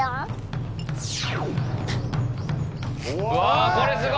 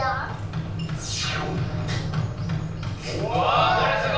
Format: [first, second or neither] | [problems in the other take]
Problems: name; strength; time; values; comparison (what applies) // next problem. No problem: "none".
first | background sound (Engine); 19 dB below the speech // room echo; dies away in 0.5 s